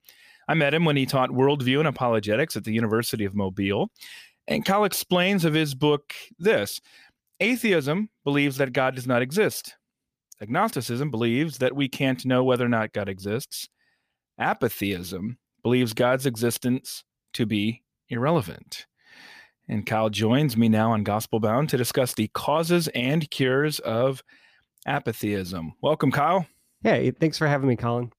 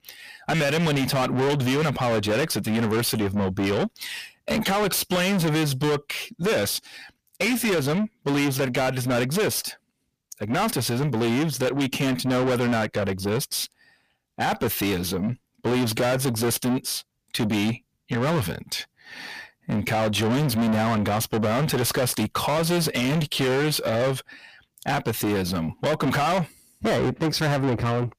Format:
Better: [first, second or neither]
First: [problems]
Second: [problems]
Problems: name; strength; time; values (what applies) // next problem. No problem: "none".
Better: first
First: none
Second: distortion; heavy; 6 dB below the speech